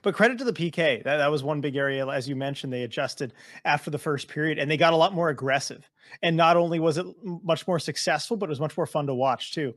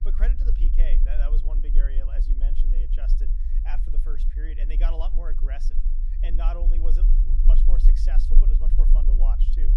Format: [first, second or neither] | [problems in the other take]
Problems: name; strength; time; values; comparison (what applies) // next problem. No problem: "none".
first | low rumble; loud; throughout; 6 dB below the speech